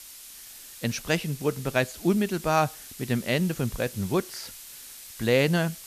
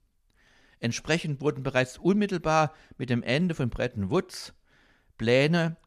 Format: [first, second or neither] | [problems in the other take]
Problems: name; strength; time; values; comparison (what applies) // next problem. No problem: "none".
second | hiss; noticeable; throughout; 15 dB below the speech